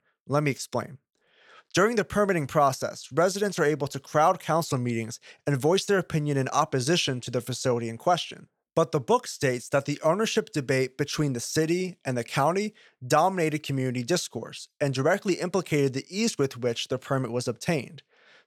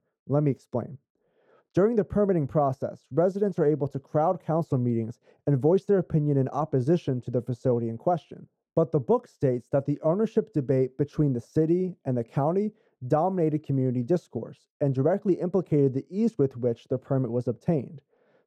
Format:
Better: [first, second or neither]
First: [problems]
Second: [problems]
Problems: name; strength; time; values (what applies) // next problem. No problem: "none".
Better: first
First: none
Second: muffled; very; fading above 1 kHz